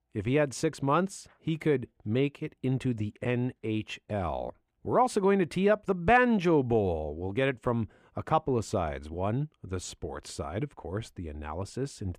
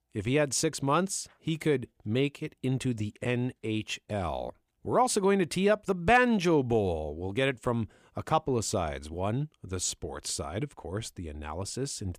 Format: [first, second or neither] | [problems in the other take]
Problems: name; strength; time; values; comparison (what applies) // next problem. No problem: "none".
second | muffled; slightly; fading above 3.5 kHz